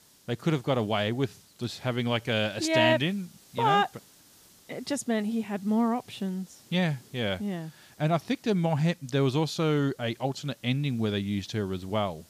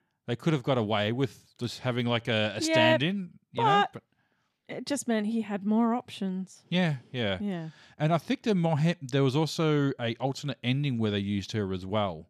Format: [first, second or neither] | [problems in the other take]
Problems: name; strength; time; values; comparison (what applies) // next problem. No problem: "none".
second | hiss; faint; throughout; 25 dB below the speech